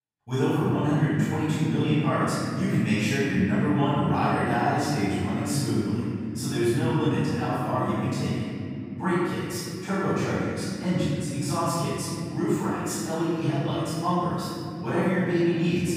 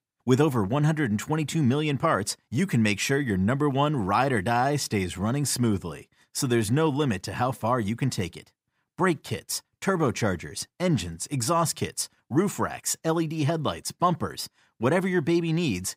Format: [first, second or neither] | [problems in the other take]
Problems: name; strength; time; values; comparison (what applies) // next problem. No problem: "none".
second | room echo; strong; dies away in 3 s // off-mic speech; far